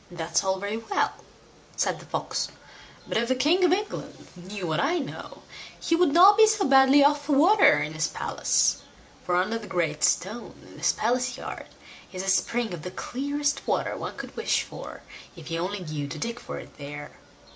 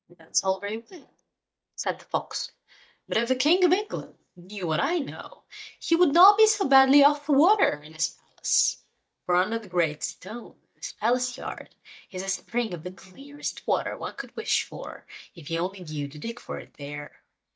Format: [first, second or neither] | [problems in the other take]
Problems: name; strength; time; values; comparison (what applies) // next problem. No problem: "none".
first | noise reduction (neural mask model DeepFilterNet 3)